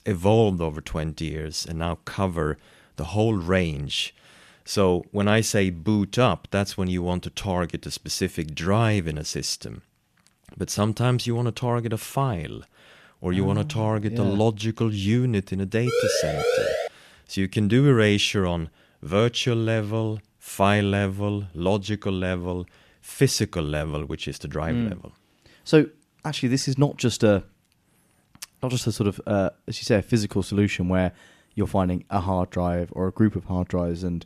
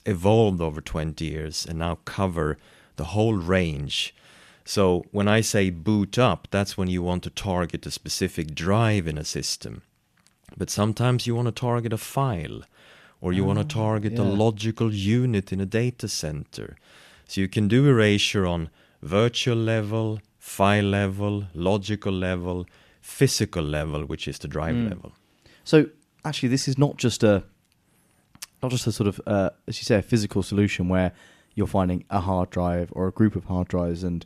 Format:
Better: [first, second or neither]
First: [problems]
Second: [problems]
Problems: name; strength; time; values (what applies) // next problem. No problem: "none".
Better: second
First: siren; loud; from 16 to 17 s; peak 1 dB above the speech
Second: none